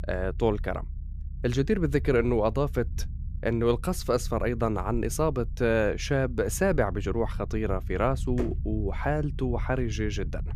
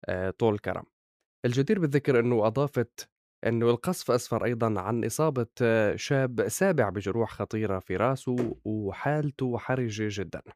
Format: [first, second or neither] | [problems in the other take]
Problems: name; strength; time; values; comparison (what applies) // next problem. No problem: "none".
second | low rumble; faint; throughout; 25 dB below the speech